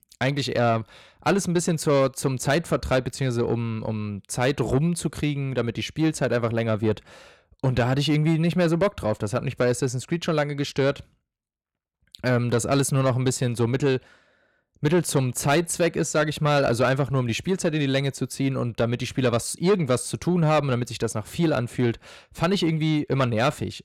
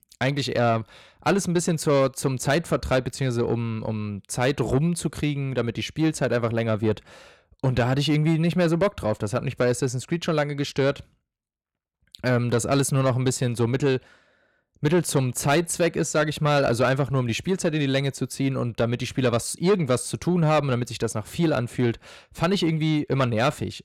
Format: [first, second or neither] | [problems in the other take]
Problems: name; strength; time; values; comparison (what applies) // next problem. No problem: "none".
neither | distortion; slight; 10 dB below the speech; the same in both